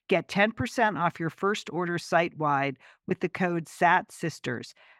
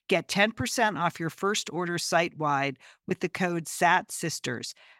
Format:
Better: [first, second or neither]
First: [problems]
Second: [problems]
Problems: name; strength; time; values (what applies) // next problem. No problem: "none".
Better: second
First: muffled; slightly; fading above 3.5 kHz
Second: none